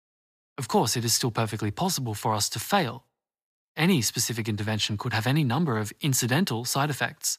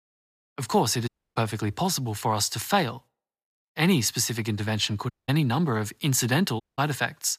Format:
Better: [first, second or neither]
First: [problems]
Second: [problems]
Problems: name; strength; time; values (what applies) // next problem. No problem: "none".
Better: first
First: none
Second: audio cutting out; at 1 s, at 5 s and at 6.5 s